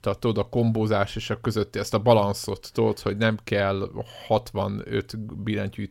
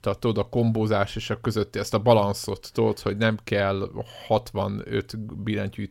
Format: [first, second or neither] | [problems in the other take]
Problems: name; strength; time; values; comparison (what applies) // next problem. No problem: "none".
neither | none